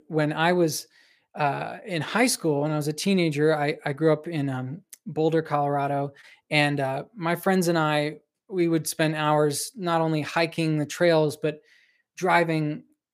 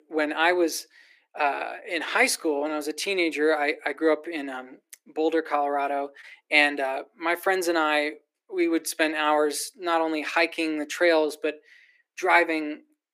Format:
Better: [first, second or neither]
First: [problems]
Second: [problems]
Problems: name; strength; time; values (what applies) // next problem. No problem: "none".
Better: first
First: none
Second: thin; somewhat; fading below 300 Hz